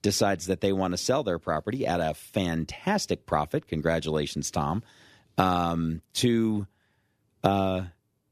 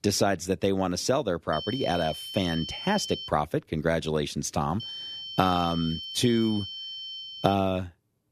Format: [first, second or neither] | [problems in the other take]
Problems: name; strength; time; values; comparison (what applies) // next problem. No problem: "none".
first | high-pitched whine; loud; from 1.5 to 3.5 s and from 5 to 7.5 s; 3 kHz, 8 dB below the speech